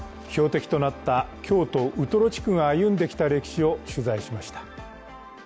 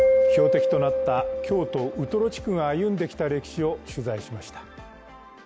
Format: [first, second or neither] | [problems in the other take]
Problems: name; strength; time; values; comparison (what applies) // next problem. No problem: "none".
first | background sound (Mallet percussion); 1 dB above the speech